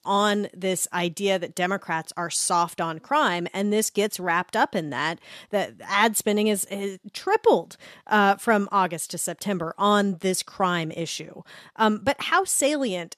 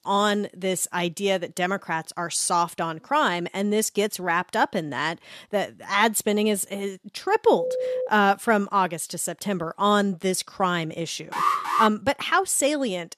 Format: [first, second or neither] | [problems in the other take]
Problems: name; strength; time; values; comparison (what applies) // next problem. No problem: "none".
first | phone ringing; noticeable; at 7.5 s; peak 3 dB below the speech // alarm; loud; at 11 s; peak 2 dB above the speech